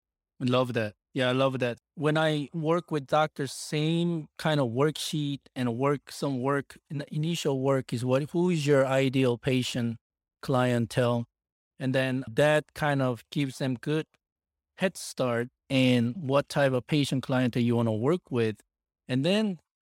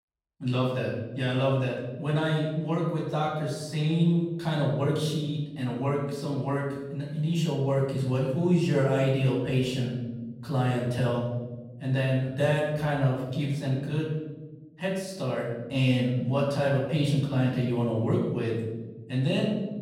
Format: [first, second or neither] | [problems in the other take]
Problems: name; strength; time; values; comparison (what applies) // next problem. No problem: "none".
first | off-mic speech; far // room echo; noticeable; dies away in 1.4 s